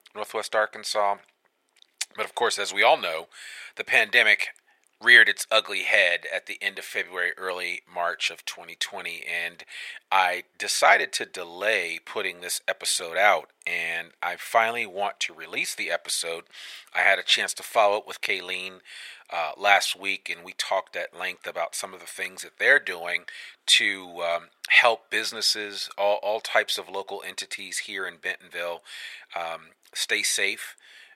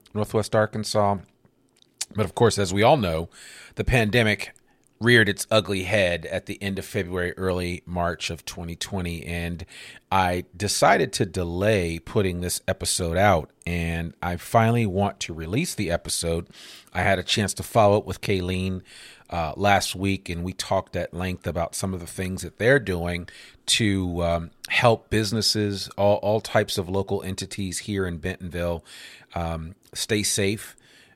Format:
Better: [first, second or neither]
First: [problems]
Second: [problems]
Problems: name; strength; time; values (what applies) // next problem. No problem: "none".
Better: second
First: thin; very; fading below 700 Hz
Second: none